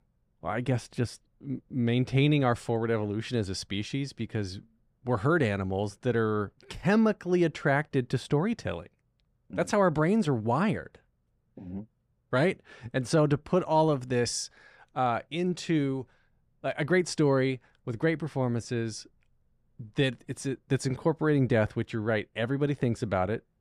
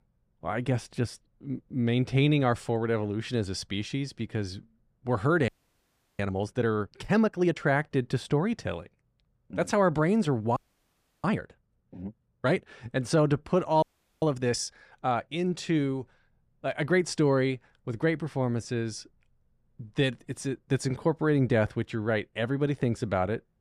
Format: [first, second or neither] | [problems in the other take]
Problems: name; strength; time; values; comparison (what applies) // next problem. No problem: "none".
first | audio freezing; at 5.5 s for 0.5 s, at 11 s for 0.5 s and at 14 s